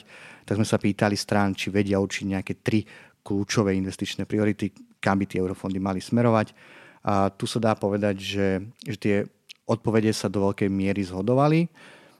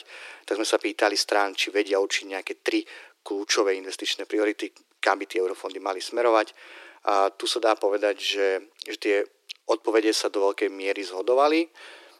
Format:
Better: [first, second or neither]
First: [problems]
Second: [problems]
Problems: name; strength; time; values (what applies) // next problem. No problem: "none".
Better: first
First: none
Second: thin; very; fading below 350 Hz